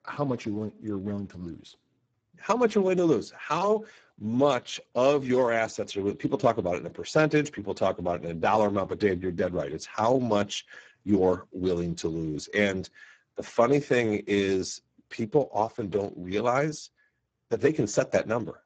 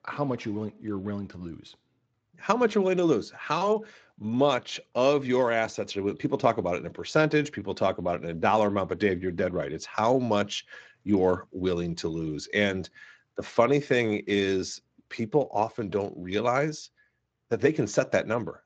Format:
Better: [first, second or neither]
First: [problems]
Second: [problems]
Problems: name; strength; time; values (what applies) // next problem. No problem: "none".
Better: second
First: garbled, watery; badly; nothing above 7.5 kHz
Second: garbled, watery; slightly